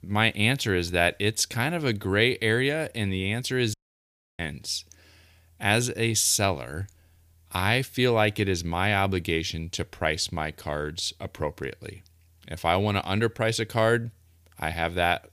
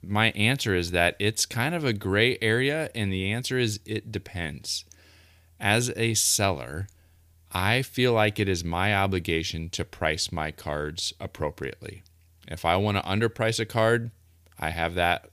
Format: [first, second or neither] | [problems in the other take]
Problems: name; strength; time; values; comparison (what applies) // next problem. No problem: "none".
second | audio cutting out; at 3.5 s for 0.5 s